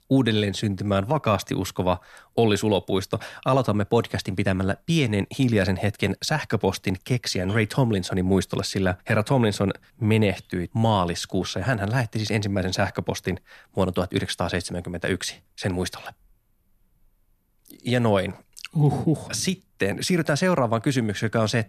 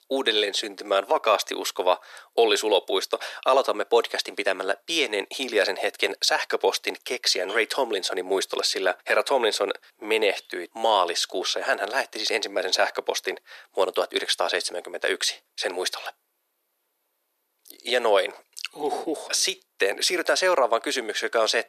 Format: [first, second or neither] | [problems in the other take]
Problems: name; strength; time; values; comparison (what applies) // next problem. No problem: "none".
first | thin; very; fading below 400 Hz